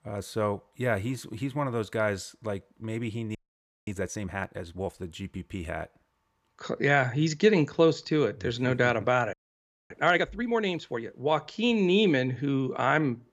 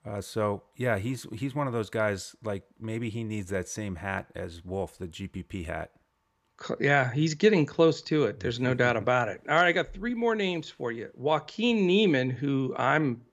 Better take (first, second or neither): second